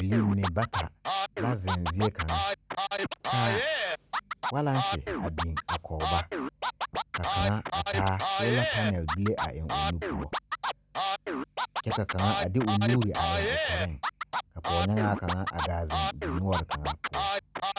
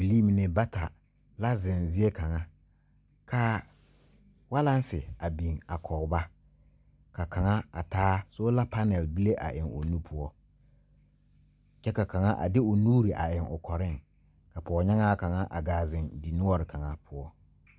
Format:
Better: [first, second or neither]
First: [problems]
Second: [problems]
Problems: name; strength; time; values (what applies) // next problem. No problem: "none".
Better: second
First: background sound (Scratching (performance technique)); 1 dB below the speech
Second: none